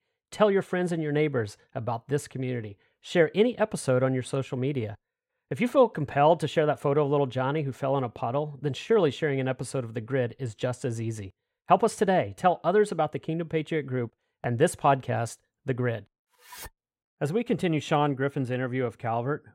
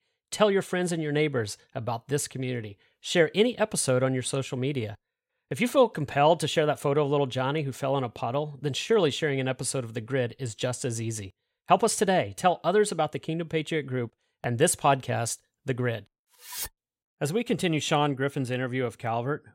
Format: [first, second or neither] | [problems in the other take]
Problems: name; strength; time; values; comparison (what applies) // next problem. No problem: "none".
second | muffled; slightly; fading above 2.5 kHz